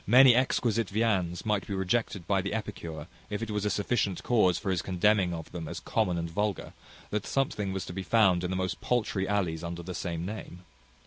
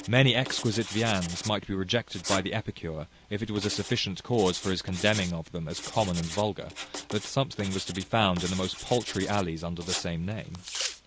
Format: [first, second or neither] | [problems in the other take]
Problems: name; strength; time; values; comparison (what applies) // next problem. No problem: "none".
first | background sound (Writing); 11 dB below the speech